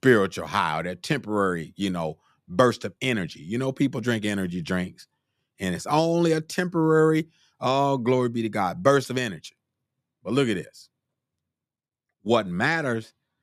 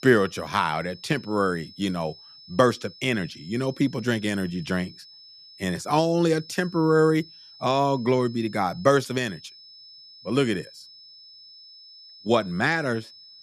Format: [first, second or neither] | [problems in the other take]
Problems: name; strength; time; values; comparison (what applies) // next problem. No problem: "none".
first | high-pitched whine; faint; throughout; 5 kHz, 20 dB below the speech